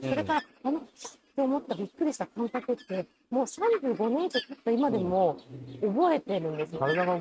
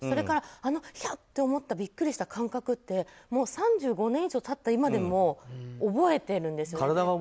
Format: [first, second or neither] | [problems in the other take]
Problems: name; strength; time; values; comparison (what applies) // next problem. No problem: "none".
second | noise reduction (neural mask model RNNoise)